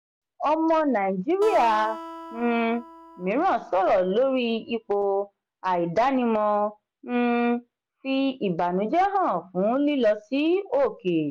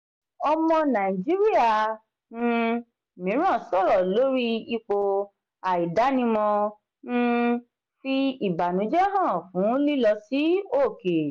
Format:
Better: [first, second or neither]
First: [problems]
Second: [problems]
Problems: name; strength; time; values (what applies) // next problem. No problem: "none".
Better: second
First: background sound (Acoustic guitar); 16 dB below the speech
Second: none